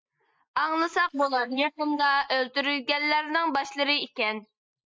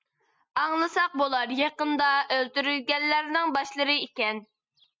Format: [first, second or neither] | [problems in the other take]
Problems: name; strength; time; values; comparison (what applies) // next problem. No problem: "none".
second | noise reduction (neural mask model Resemble Enhance denoiser)